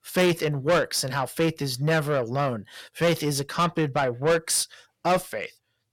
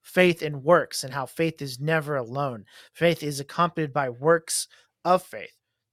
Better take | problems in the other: second | distortion; heavy; 6 dB below the speech

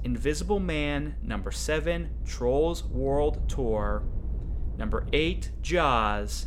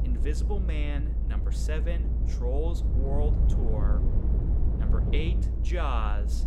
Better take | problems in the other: first | low rumble; loud; throughout; 6 dB below the speech; faint in the first

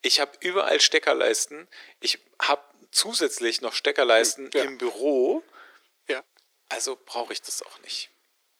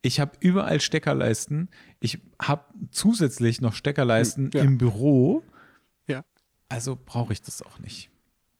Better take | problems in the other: second | thin; very; fading below 350 Hz

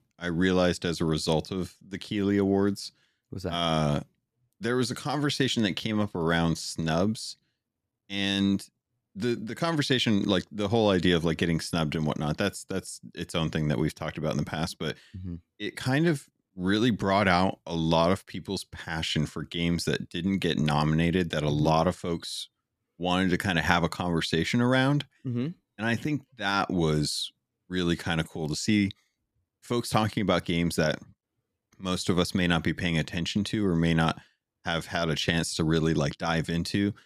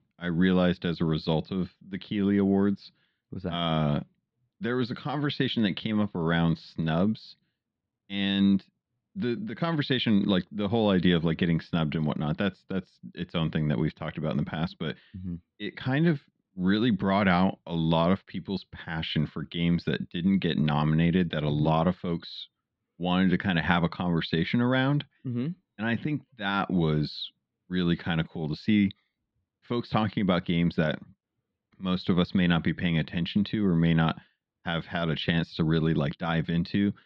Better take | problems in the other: first | muffled; slightly; fading above 4 kHz

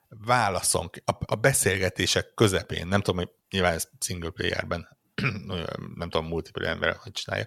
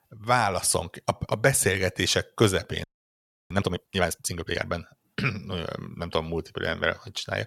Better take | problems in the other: first | audio freezing; at 3 s for 0.5 s

